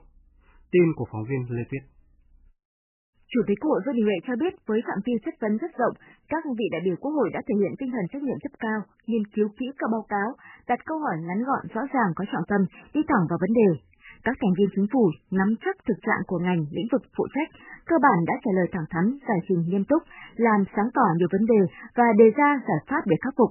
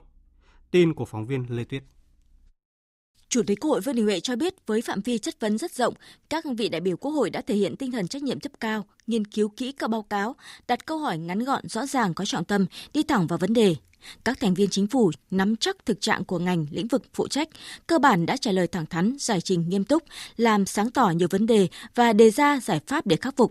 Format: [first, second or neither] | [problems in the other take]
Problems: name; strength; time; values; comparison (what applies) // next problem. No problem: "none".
second | garbled, watery; badly; nothing above 3 kHz